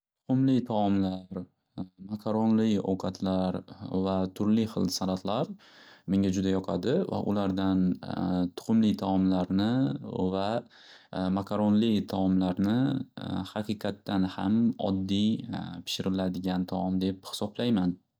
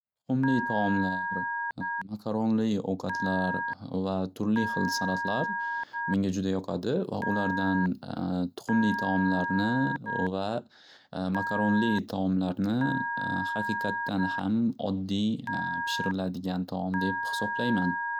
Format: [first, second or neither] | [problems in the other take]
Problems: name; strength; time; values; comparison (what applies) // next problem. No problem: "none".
first | background sound (Telephone); 5 dB below the speech